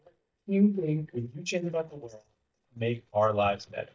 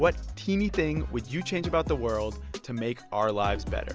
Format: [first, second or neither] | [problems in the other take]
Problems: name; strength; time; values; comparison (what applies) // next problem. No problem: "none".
second | noise reduction (neural mask model DeepFilterNet 3)